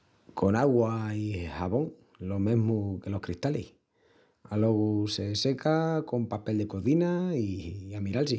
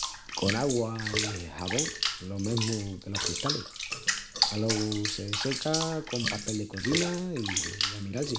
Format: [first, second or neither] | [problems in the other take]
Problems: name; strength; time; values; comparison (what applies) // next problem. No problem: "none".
first | background sound (Bathtub (filling or washing) / Water); 1 dB below the speech